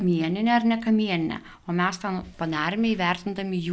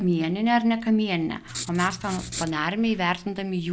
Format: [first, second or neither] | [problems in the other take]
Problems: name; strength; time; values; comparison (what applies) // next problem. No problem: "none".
first | background sound (Writing); 11 dB below the speech